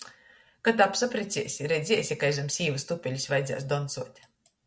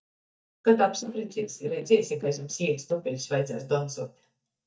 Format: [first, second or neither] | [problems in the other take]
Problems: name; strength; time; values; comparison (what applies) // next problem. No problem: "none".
first | noise reduction (neural mask model DeepFilterNet 3)